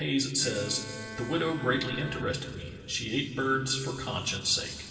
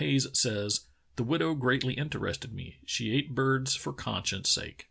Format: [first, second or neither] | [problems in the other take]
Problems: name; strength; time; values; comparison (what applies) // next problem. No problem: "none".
second | background sound (Bowed string instrument); 14 dB below the speech // room echo; dies away in 2.4 s